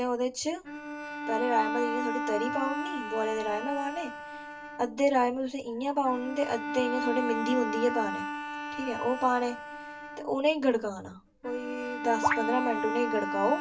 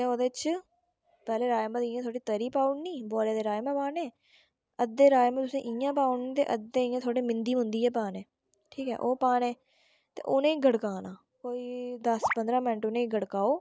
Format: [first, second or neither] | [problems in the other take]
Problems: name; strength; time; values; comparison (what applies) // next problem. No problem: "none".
second | background sound (Bowed string instrument); 5 dB below the speech // room echo; dies away in 0.2 s